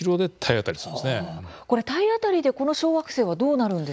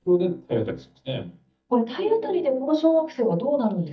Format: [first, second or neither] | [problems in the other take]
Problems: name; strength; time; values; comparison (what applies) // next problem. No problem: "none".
first | noise reduction (neural mask model DeepFilterNet 3)